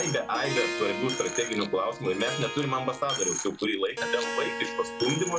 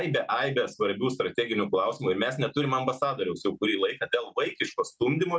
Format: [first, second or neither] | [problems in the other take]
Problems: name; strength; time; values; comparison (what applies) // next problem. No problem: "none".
second | background sound (Harp + Coin (dropping)); 4 dB below the speech